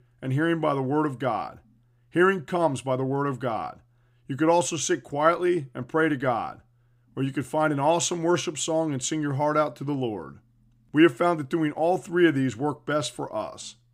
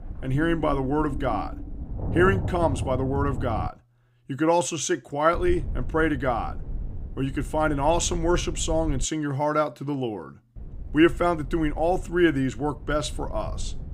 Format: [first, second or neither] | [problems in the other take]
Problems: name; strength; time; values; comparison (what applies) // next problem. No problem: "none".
first | low rumble; noticeable; until 3.5 s, from 5.5 to 9 s and from 11 s on; 20 dB below the speech